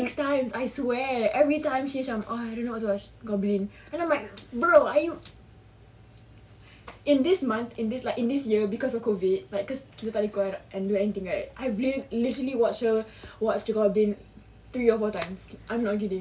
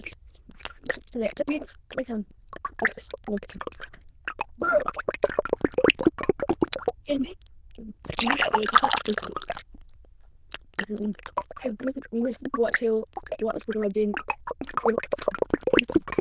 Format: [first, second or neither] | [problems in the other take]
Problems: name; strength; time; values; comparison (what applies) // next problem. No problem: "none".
first | noise reduction (neural diffusion model UNIVERSE++)